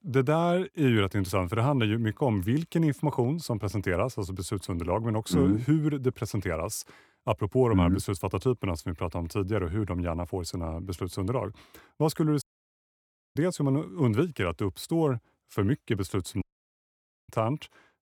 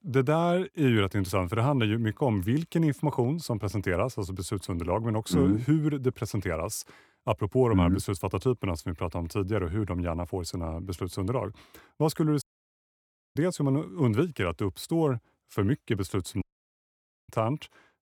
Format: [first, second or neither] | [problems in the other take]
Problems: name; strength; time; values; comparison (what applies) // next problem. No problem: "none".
neither | audio cutting out; at 12 s for 1 s and at 16 s for 1 s; the same in both